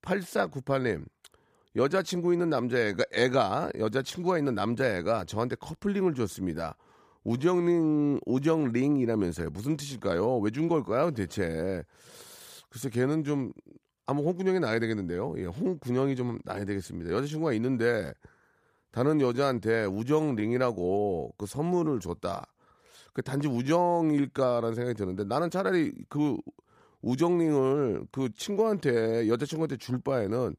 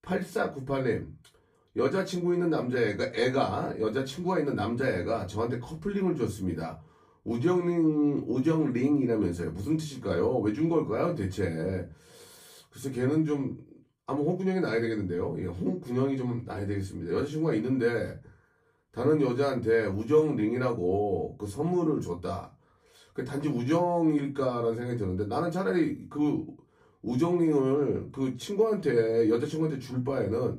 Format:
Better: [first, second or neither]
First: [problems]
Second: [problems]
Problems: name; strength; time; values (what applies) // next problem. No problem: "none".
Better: first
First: none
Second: off-mic speech; far // room echo; very slight; dies away in 0.2 s